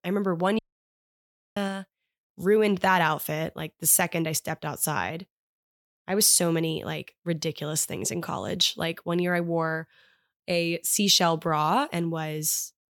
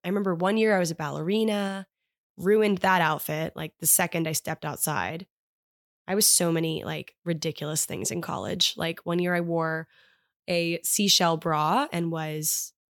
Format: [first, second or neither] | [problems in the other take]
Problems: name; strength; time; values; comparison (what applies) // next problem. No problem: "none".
second | audio cutting out; at 0.5 s for 1 s